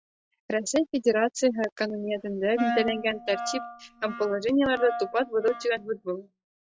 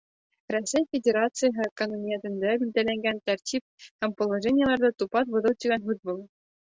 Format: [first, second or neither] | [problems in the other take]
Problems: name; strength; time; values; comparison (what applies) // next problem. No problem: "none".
second | noise reduction (classical method log-MMSE)